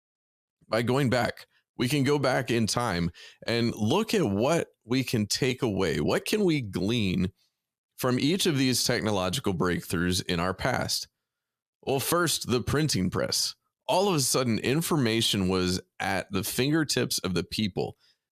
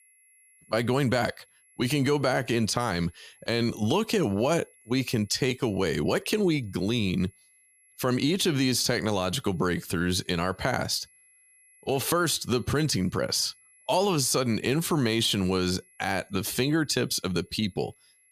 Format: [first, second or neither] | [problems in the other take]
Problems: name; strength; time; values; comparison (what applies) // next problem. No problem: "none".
first | high-pitched whine; faint; throughout; 11 kHz, 30 dB below the speech